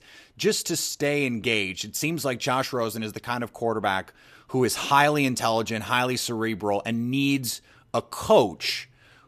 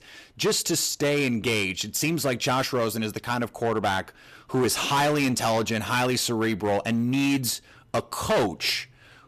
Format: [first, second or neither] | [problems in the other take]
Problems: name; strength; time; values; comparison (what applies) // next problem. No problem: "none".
first | distortion; heavy; 10% of the sound clipped